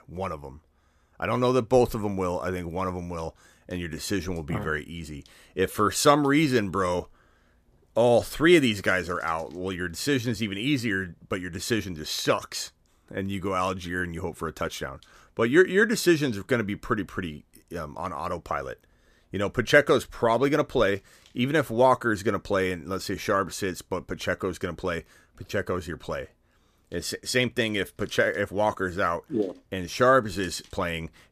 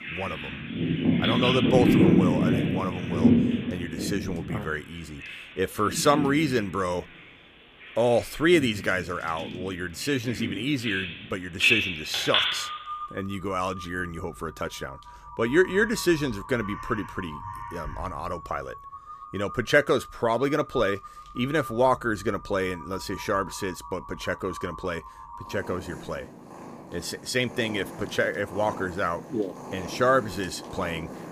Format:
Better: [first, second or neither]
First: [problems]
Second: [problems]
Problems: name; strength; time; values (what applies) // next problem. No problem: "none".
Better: first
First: none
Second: animal sounds; loud; throughout; as loud as the speech